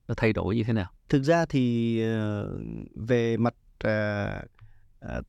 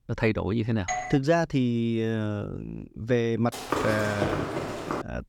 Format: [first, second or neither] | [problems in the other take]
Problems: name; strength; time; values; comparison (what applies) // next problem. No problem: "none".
first | doorbell; noticeable; at 1 s; peak 4 dB below the speech // footsteps; noticeable; from 3.5 s on; peak 1 dB below the speech